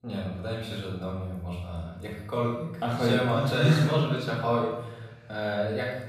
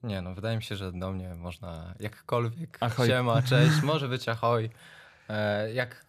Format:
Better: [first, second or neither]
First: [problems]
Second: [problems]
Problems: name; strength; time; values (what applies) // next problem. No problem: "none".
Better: second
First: off-mic speech; far // room echo; noticeable; dies away in 0.9 s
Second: none